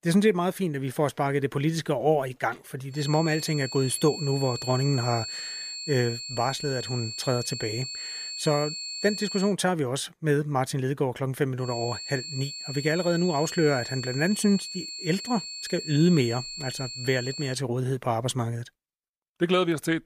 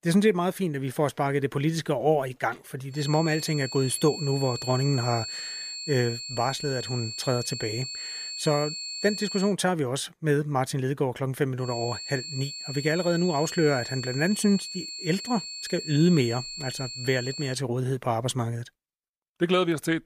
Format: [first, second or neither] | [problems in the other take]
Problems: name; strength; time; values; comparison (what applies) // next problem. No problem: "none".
neither | high-pitched whine; loud; from 3 to 9.5 s and from 12 to 18 s; 4.5 kHz, 7 dB below the speech; the same in both